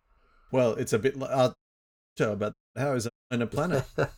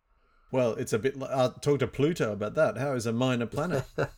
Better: second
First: audio cutting out; at 1.5 s for 0.5 s, at 2.5 s and at 3 s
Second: none

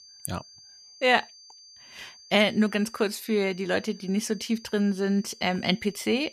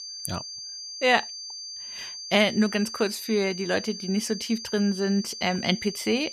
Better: first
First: high-pitched whine; faint; throughout; 4.5 kHz, 20 dB below the speech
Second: high-pitched whine; loud; throughout; 4.5 kHz, 10 dB below the speech

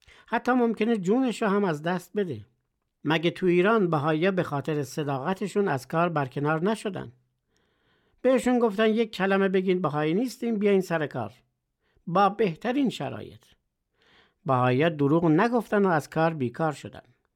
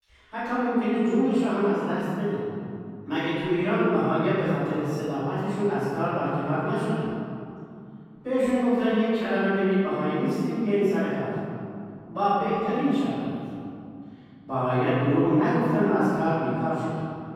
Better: first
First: none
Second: off-mic speech; far // room echo; strong; dies away in 2.6 s

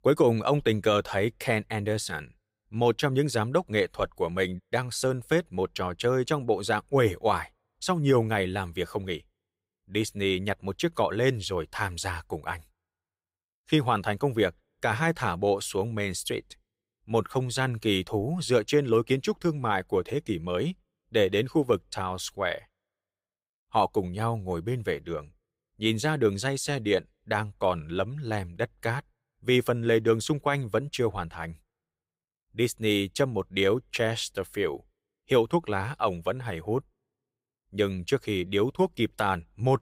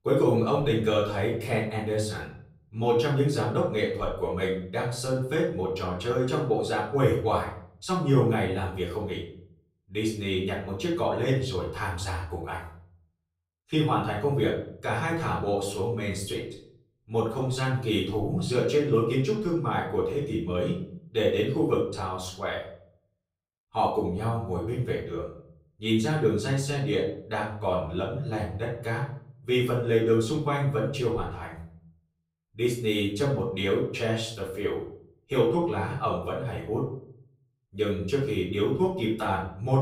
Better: first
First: none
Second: off-mic speech; far // room echo; noticeable; dies away in 0.5 s

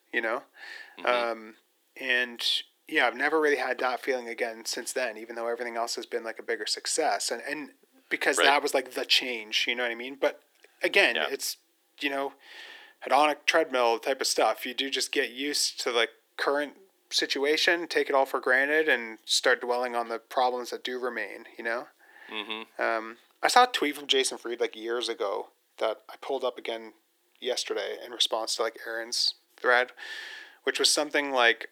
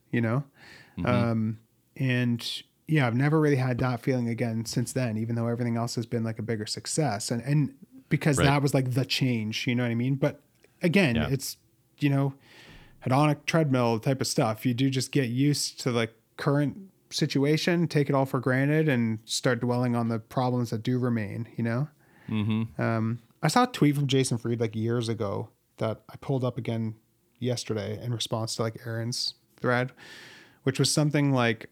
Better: second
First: thin; very; fading below 350 Hz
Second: none

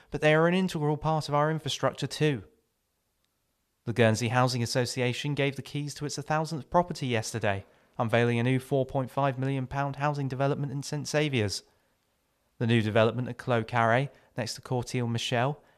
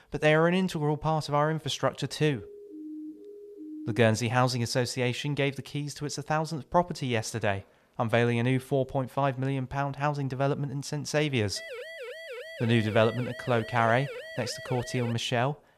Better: first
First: none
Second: siren; faint; from 2.5 to 4 s and from 12 to 15 s; peak 10 dB below the speech

